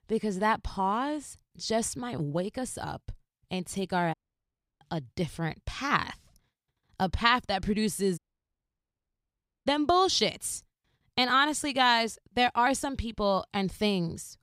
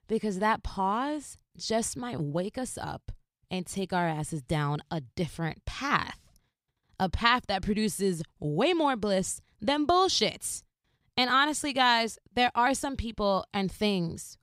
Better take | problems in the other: second | audio cutting out; at 4 s for 0.5 s and at 8 s for 1.5 s

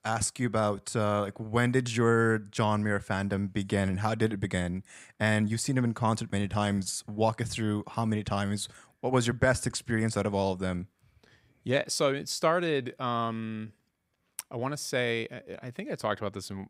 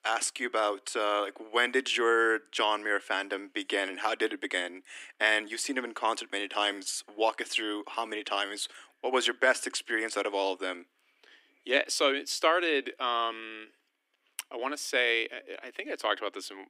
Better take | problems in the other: first | thin; very; fading below 300 Hz

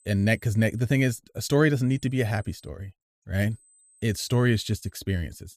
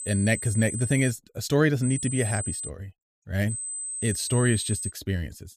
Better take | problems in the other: first | high-pitched whine; loud; until 1 s, at 2 s and from 3.5 to 5 s; 8 kHz, 5 dB below the speech; faint in the first

